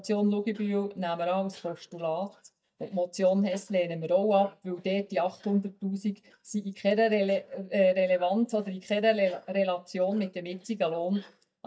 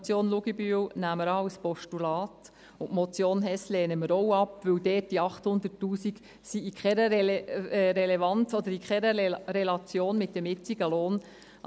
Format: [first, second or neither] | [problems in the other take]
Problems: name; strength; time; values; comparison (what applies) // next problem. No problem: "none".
second | noise reduction (neural mask model DeepFilterNet 3)